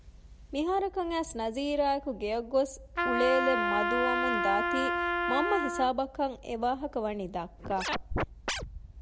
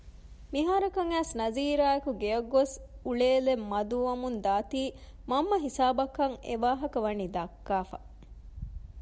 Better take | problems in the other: second | background sound (Trumpet + Scratching (performance technique)); 1 dB above the speech

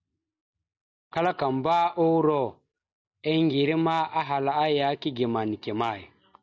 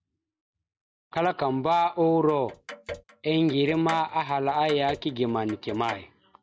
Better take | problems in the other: first | background sound (Clock); 15 dB below the speech

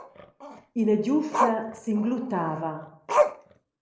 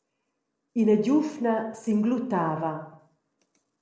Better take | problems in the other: second | noise reduction (neural mask model Resemble Enhance denoiser)

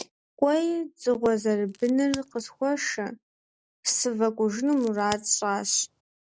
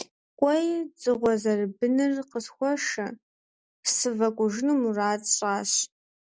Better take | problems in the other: second | background sound (Crack); 19 dB below the speech

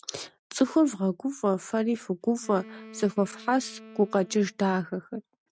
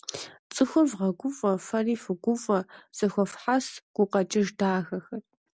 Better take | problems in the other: second | noise reduction (neural mask model RNNoise)

